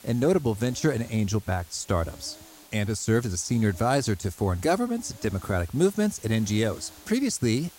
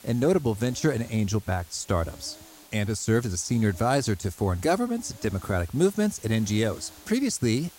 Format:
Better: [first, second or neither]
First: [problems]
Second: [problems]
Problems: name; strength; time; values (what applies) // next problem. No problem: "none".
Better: neither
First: hiss; faint; throughout; 20 dB below the speech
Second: hiss; faint; throughout; 20 dB below the speech